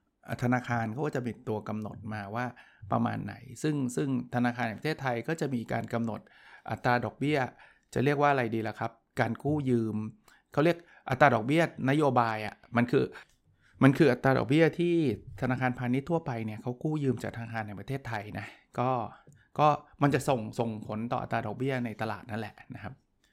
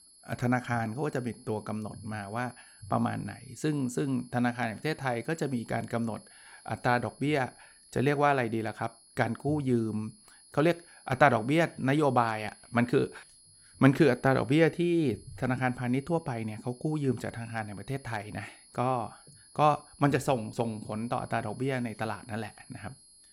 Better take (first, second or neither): first